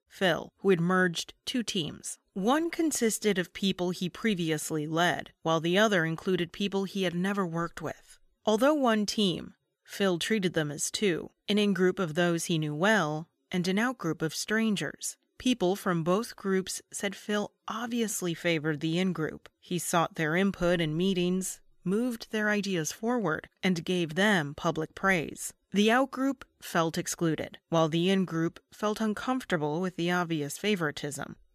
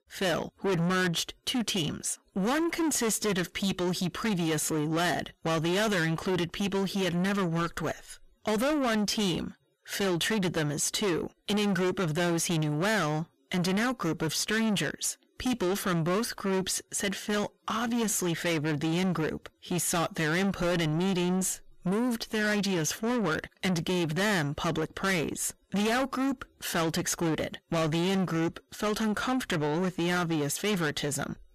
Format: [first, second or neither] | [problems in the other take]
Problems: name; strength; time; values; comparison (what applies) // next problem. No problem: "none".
first | distortion; heavy; 6 dB below the speech